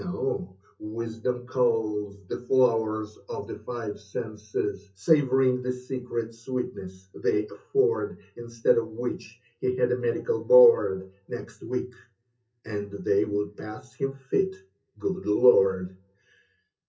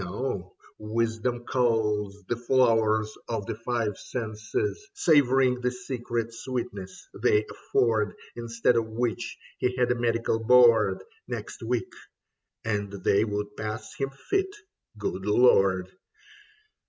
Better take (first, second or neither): second